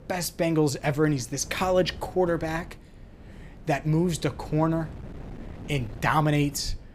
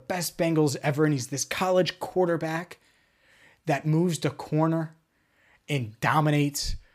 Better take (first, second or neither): second